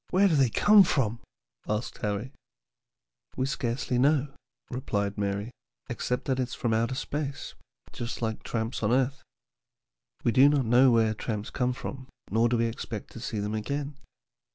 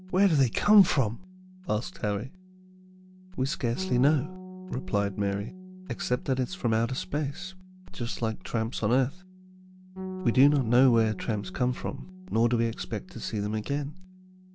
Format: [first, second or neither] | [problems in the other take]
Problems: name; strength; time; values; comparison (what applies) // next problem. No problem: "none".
first | background sound (Bass guitar); 16 dB below the speech